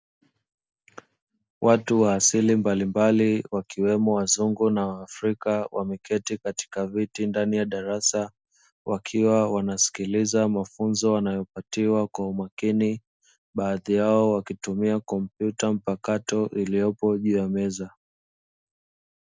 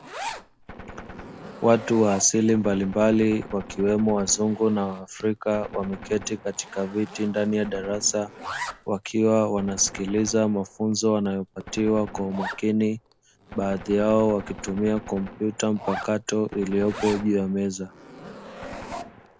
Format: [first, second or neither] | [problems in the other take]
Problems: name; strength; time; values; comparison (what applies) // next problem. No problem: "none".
first | background sound (Zipper (clothing) + Gunshot, gunfire); 15 dB below the speech